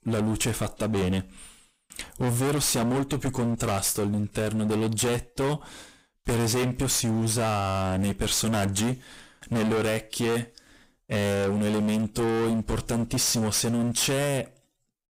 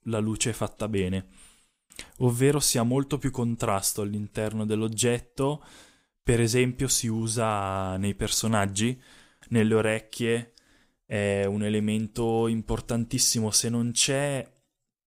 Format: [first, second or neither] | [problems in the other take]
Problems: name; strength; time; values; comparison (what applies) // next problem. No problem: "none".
second | distortion; heavy; 29% of the sound clipped